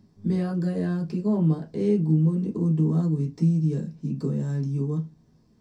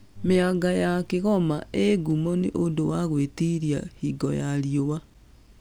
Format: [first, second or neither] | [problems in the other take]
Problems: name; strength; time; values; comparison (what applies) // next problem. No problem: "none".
second | room echo; dies away in 0.3 s